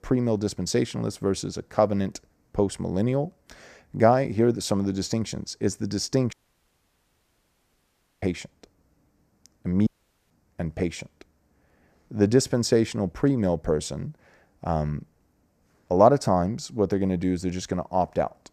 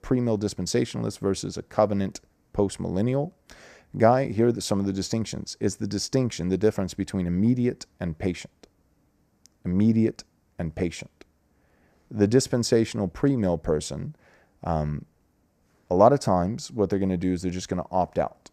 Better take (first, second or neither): second